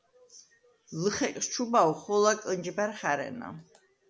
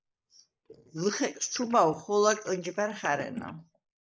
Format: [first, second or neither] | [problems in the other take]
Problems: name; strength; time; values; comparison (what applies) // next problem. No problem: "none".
first | noise reduction (neural mask model Resemble Enhance denoiser)